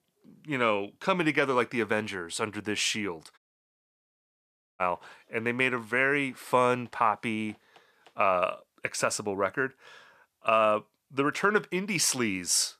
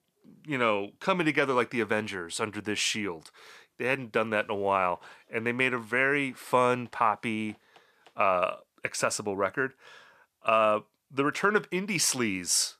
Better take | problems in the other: second | audio cutting out; at 3.5 s for 1.5 s

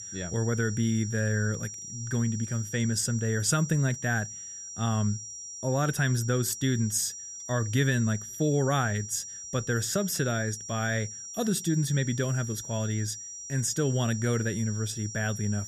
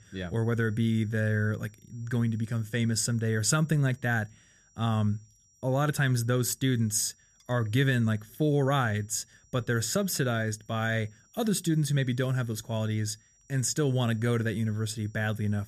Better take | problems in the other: second | high-pitched whine; loud; throughout; 5.5 kHz, 9 dB below the speech; faint in the second

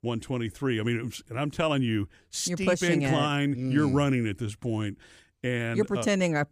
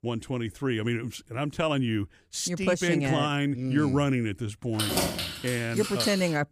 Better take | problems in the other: first | jangling keys; loud; from 5 s on; peak 2 dB above the speech

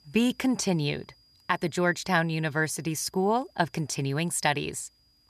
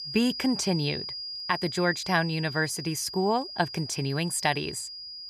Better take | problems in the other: first | high-pitched whine; loud; throughout; 5 kHz, 7 dB below the speech; faint in the first

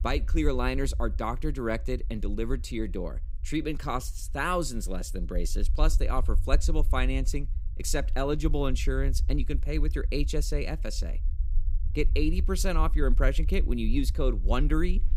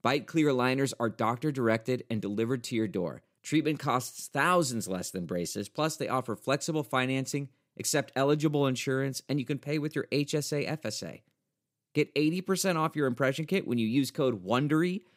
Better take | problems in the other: second | low rumble; faint; throughout; 20 dB below the speech

